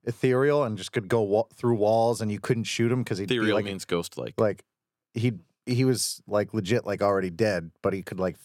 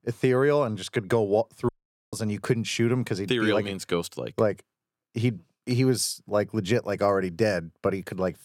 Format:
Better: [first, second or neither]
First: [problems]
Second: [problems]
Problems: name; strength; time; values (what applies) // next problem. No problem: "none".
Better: first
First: none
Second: audio cutting out; at 1.5 s